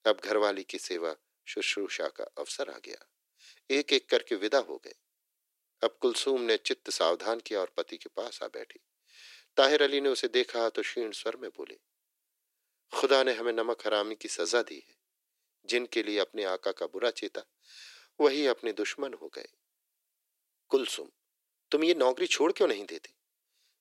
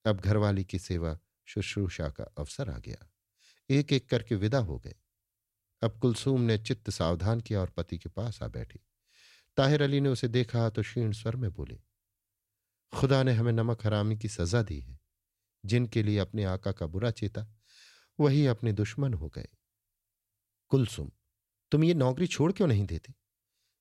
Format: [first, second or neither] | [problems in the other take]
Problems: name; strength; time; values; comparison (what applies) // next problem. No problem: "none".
second | thin; very; fading below 350 Hz